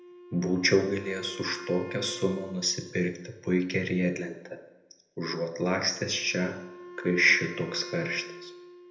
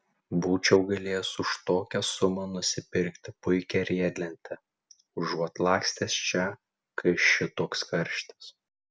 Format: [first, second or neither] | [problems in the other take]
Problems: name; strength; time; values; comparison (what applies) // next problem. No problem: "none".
second | background sound (Wind instrument, woodwind instrument); 16 dB below the speech // room echo; dies away in 0.7 s